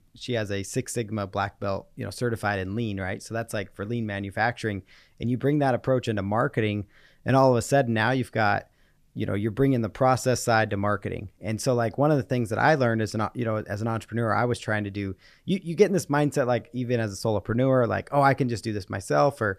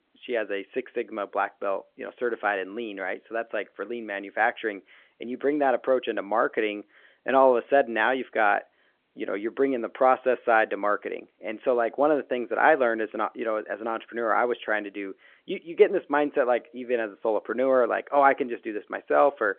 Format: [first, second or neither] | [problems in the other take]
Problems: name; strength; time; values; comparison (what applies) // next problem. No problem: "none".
first | phone-call audio